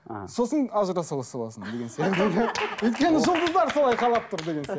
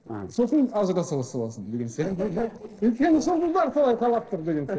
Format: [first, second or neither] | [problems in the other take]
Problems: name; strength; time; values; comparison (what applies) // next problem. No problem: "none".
first | noise reduction (neural separator model SepFormer DNS4)